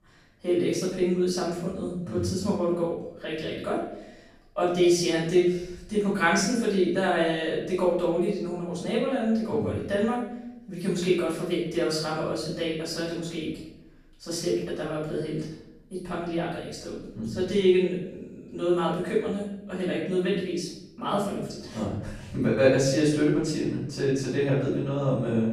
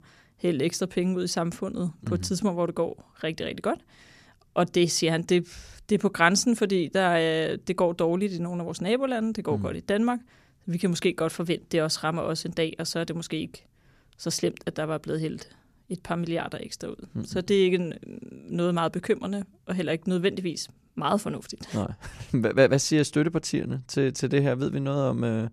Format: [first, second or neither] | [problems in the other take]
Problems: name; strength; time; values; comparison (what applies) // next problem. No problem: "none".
second | off-mic speech; far // room echo; noticeable; dies away in 0.7 s